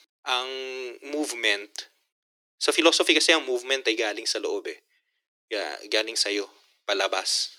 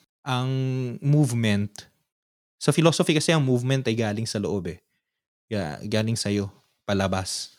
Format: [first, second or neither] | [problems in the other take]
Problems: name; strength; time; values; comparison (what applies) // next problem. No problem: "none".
second | thin; very; fading below 300 Hz